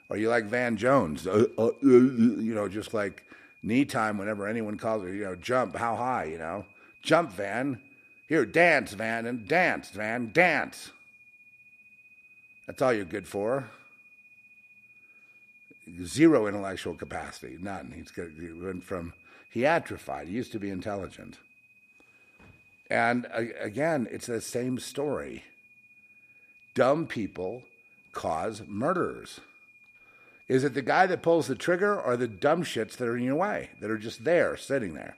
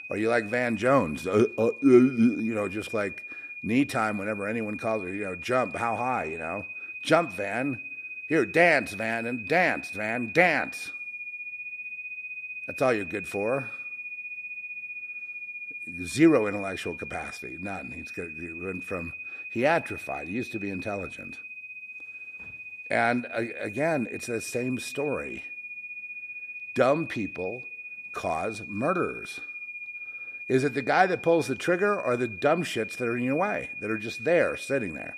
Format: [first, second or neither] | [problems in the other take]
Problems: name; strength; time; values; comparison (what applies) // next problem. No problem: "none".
first | high-pitched whine; loud; throughout; 2.5 kHz, 10 dB below the speech; faint in the first